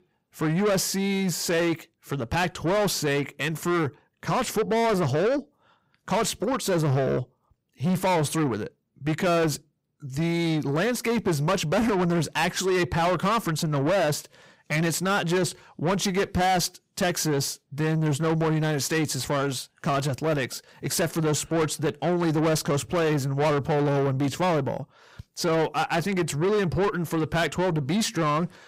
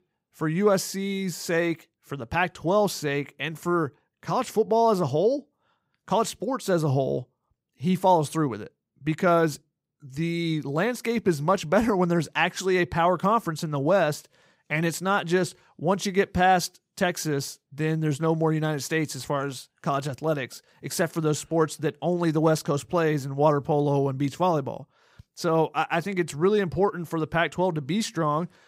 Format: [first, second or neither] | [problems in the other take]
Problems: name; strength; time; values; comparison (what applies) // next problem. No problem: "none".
second | distortion; heavy; 7 dB below the speech